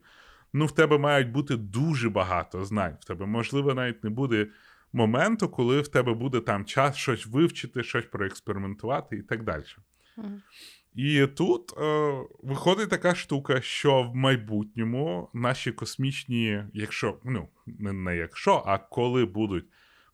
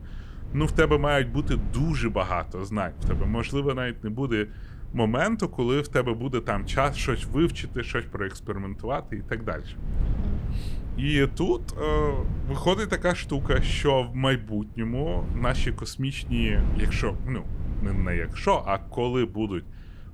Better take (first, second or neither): first